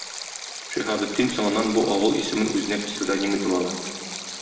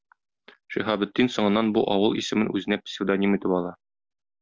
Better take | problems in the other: second | background sound (Stream); 10 dB below the speech // room echo; dies away in 1.8 s

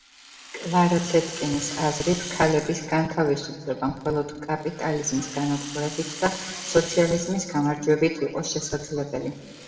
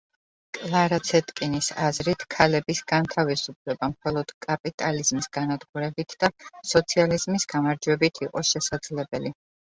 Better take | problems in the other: second | background sound (Rattle); 15 dB below the speech // room echo; dies away in 1.6 s

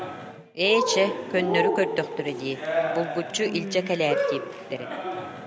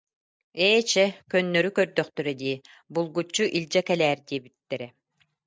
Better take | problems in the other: second | background sound (Cheering); 1 dB below the speech

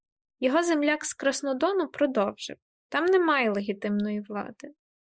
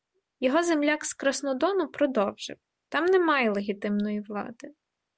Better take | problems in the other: second | noise reduction (neural mask model Resemble Enhance denoiser)

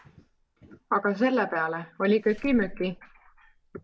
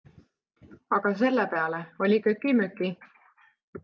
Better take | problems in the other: second | background sound (Slam / Alarm); 19 dB below the speech

